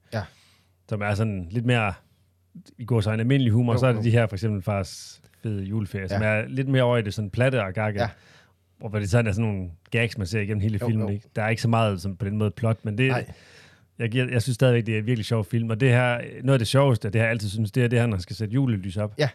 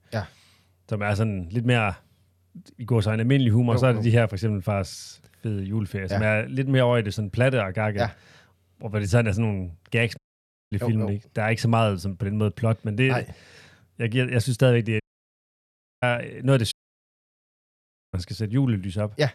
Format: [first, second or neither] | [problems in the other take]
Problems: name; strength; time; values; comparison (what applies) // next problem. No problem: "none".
first | audio cutting out; at 10 s for 0.5 s, at 15 s for 1 s and at 17 s for 1.5 s